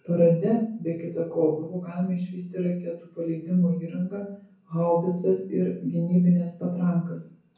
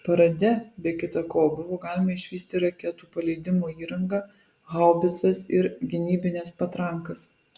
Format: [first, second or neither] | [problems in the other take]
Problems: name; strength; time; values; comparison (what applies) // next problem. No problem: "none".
second | room echo; dies away in 0.6 s